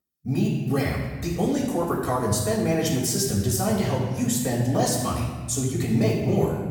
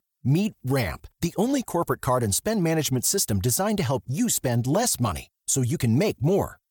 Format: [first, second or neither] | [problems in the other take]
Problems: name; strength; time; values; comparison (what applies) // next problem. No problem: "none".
second | off-mic speech; far // room echo; noticeable; dies away in 1.4 s